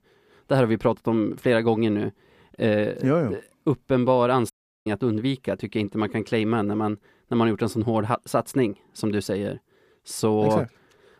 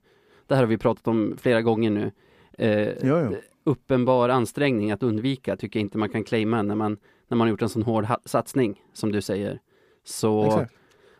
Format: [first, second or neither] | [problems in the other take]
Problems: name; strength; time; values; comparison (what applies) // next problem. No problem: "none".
second | audio cutting out; at 4.5 s